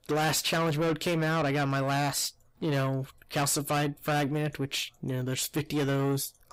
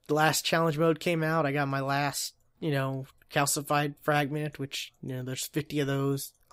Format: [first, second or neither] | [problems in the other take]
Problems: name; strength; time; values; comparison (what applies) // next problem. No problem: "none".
second | distortion; heavy; 8 dB below the speech